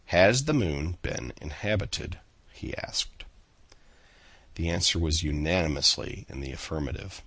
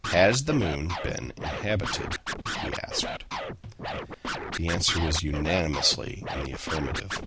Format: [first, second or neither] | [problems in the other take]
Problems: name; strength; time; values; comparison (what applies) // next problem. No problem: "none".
first | background sound (Scratching (performance technique)); 6 dB below the speech